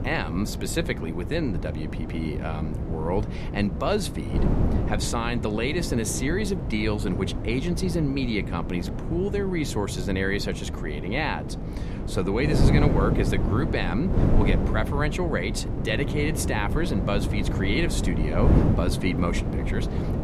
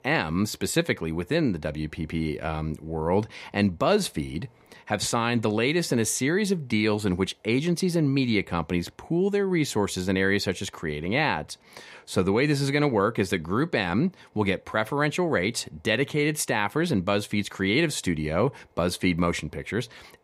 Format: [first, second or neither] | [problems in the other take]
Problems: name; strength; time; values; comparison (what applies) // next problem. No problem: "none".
second | wind noise on the microphone; heavy; 6 dB below the speech